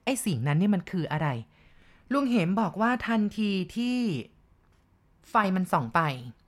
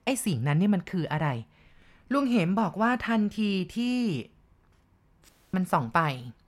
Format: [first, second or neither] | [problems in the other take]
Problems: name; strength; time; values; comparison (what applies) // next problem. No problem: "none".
first | audio cutting out; at 5.5 s